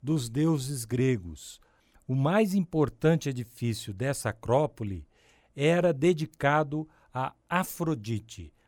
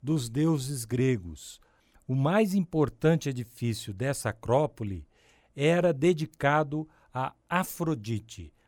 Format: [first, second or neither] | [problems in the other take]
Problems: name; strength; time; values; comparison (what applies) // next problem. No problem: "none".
neither | none